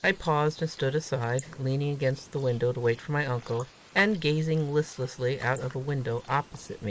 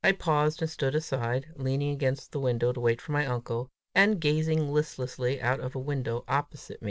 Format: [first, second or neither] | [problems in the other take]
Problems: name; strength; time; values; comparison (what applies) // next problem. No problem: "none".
second | noise reduction (neural mask model Resemble Enhance denoiser)